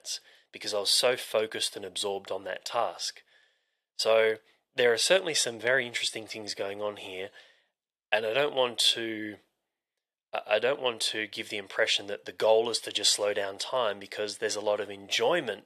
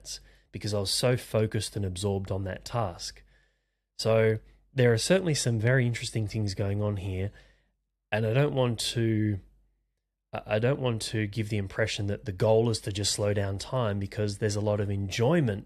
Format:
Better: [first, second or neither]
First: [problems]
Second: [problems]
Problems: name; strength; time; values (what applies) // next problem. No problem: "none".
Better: second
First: thin; very; fading below 600 Hz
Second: none